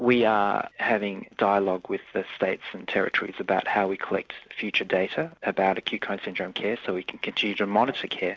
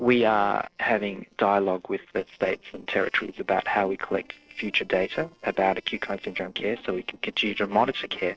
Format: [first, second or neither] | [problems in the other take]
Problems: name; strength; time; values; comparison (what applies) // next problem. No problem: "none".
first | noise reduction (neural separator model SepFormer DNS4)